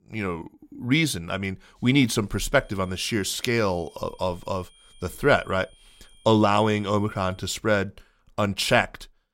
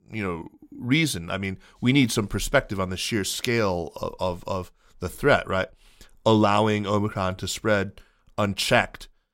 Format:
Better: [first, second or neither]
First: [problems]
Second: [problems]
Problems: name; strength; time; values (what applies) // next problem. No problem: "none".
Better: second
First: high-pitched whine; faint; from 2.5 to 7.5 s; 3 kHz, 30 dB below the speech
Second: none